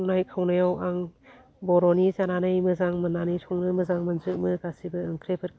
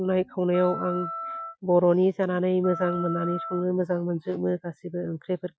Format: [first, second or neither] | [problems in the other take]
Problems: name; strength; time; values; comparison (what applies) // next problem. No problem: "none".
first | noise reduction (classical method Wiener filter)